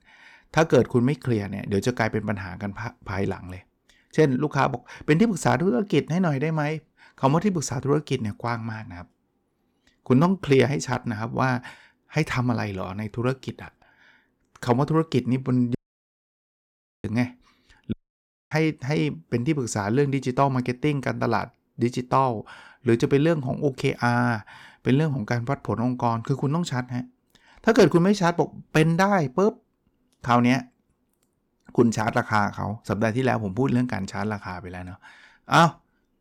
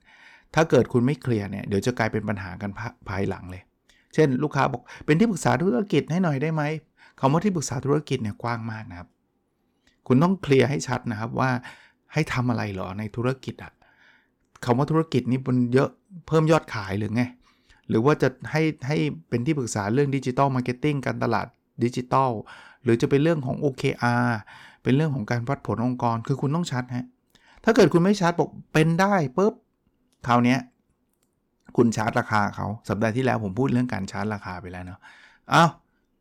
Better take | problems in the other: second | audio cutting out; at 16 s for 1.5 s and at 18 s for 0.5 s

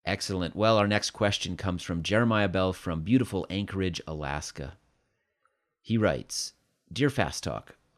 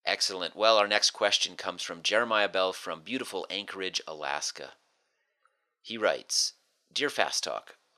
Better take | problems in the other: first | thin; very; fading below 600 Hz

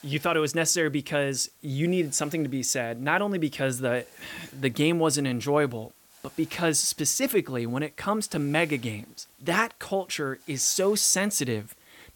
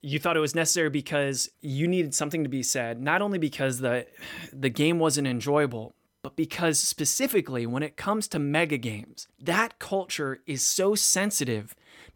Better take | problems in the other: second | hiss; faint; throughout; 25 dB below the speech

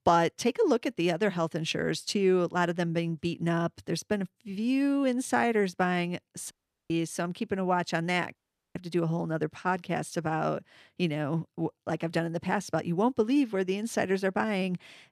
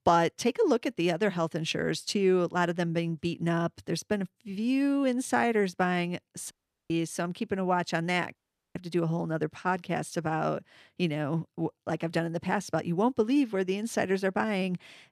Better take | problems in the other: neither | audio cutting out; at 6.5 s and at 8.5 s; the same in both

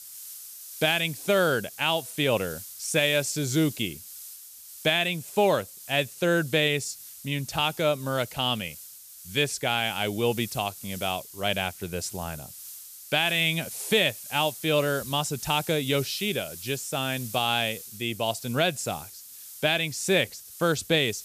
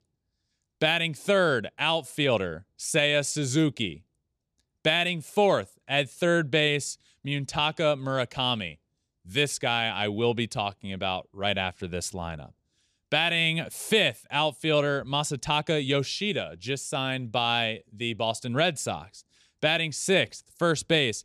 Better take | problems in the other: second | hiss; noticeable; throughout; 15 dB below the speech

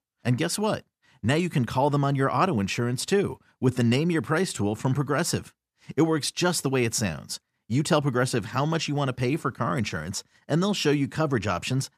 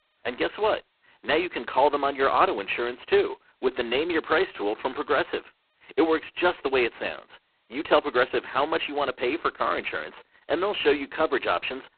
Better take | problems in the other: first | phone-call audio; poor line; nothing above 4 kHz

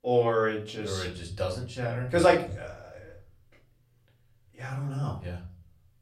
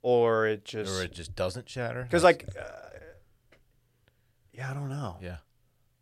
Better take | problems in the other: second | room echo; slight; dies away in 0.4 s // off-mic speech; far

